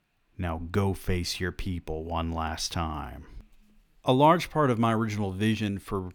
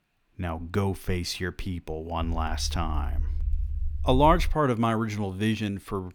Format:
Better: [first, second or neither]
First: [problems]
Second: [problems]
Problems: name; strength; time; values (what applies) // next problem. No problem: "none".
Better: first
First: none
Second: low rumble; faint; from 2 to 4.5 s; 25 dB below the speech